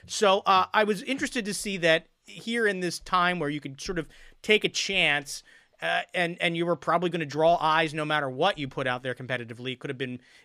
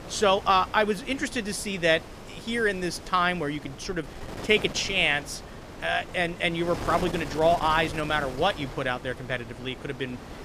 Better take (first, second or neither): first